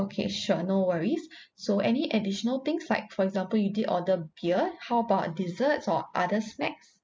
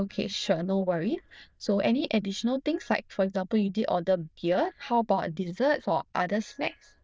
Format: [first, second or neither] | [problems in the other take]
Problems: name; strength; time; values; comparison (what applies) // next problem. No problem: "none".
first | noise reduction (neural diffusion model UNIVERSE++)